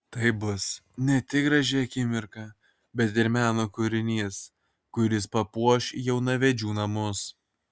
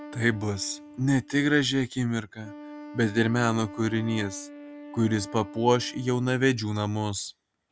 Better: first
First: none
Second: background sound (Wind instrument, woodwind instrument); 17 dB below the speech

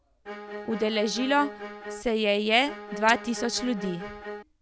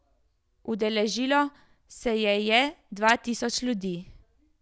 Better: second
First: background sound (Bowed string instrument); 11 dB below the speech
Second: none

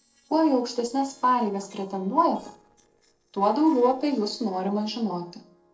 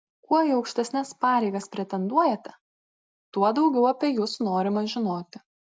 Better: second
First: noise reduction (neural separator model SepFormer DNS4)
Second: none

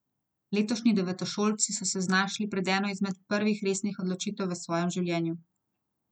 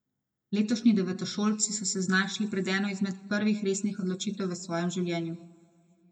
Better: first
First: none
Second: room echo; dies away in 1.4 s

